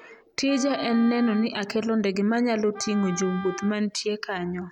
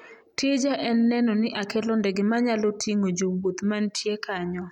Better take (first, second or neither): second